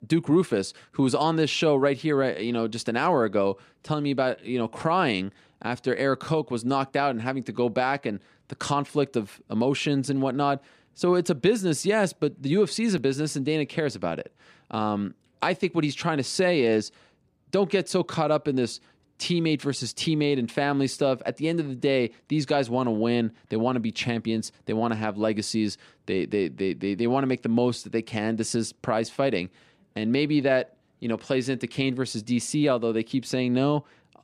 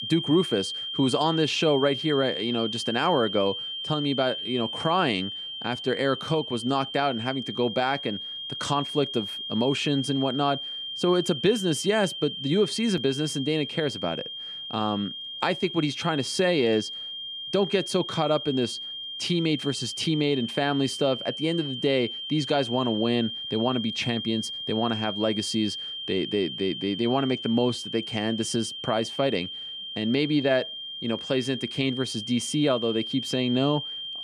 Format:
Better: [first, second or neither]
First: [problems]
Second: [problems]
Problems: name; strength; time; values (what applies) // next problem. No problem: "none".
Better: first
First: none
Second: high-pitched whine; loud; throughout; 3 kHz, 6 dB below the speech